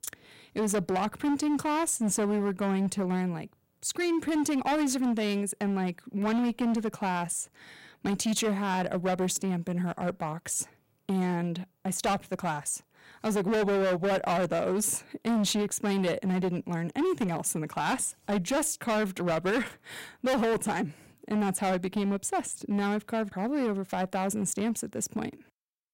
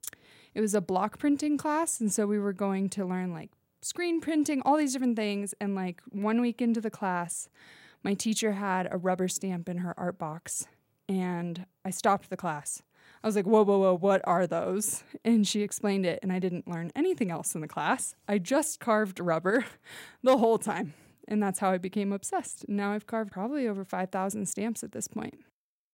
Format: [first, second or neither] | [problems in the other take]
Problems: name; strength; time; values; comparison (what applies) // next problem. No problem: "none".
second | distortion; heavy; 16% of the sound clipped